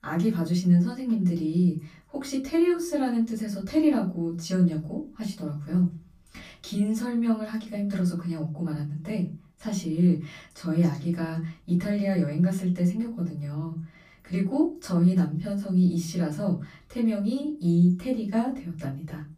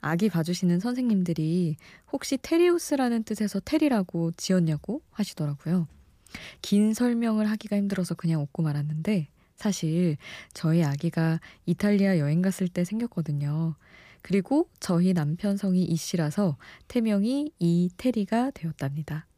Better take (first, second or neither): second